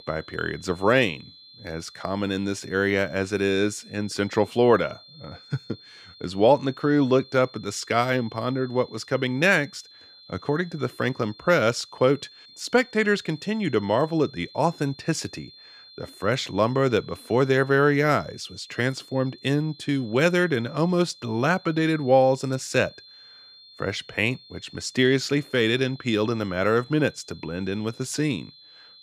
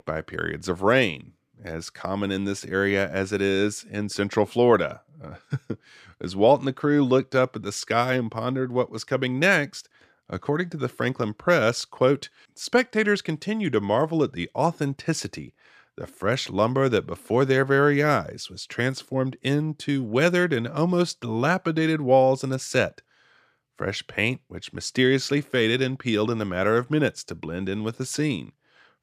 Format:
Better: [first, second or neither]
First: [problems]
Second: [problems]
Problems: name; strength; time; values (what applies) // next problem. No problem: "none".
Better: second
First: high-pitched whine; faint; throughout; 4 kHz, 25 dB below the speech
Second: none